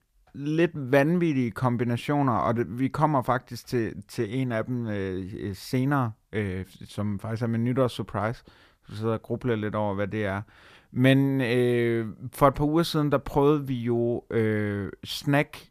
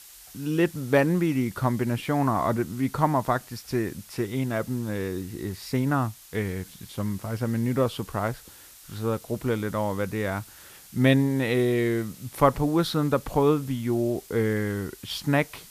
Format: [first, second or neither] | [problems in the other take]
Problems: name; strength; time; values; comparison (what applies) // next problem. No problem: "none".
first | hiss; noticeable; throughout; 20 dB below the speech